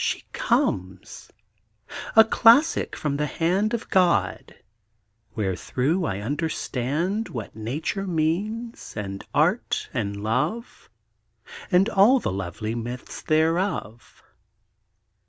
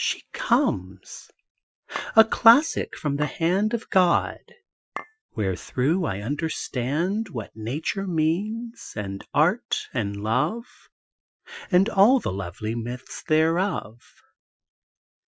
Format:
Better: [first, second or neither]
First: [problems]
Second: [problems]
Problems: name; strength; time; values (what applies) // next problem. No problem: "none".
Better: first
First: none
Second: noise reduction (classical method Wiener filter)